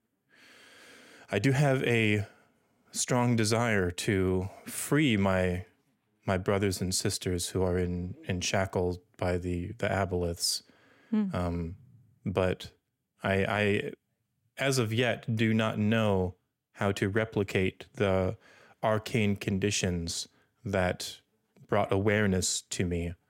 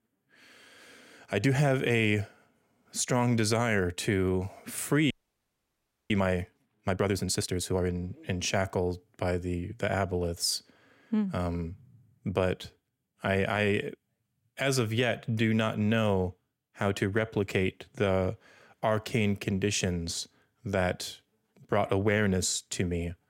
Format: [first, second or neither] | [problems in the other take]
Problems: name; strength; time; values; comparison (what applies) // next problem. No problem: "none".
first | audio freezing; at 5 s for 1 s